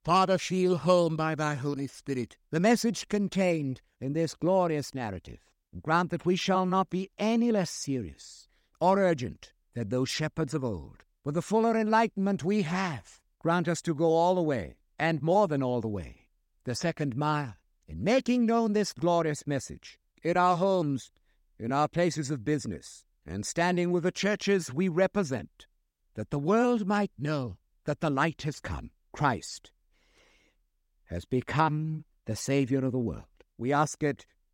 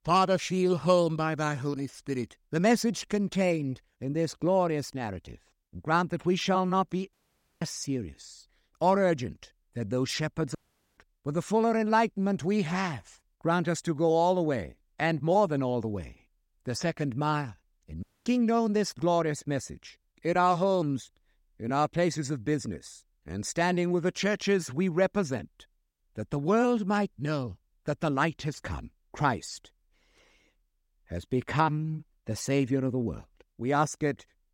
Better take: first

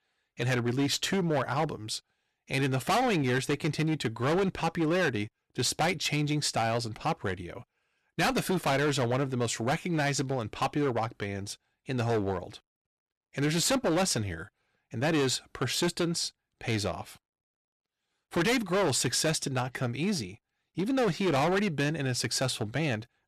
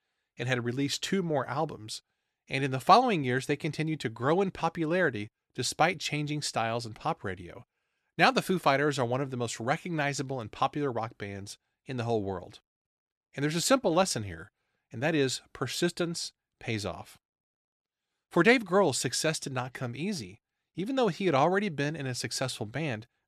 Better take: second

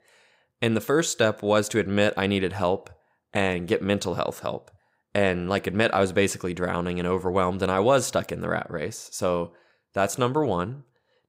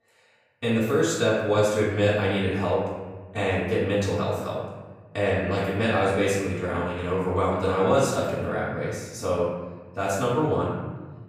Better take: first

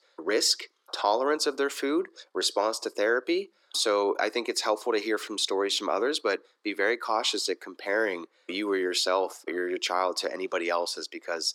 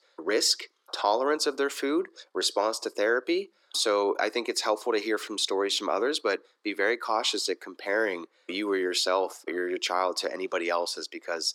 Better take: neither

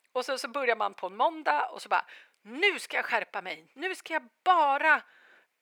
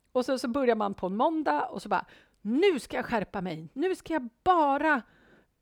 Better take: second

